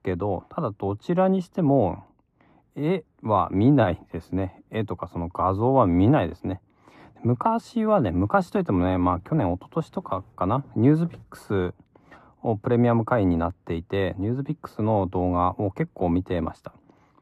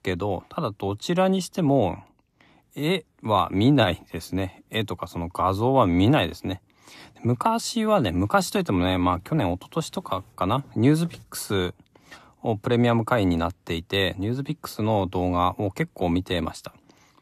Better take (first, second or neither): second